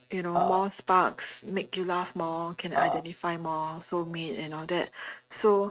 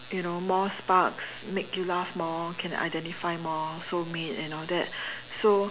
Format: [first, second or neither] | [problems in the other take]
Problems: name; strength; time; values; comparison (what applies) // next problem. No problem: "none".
second | noise reduction (neural mask model RNNoise)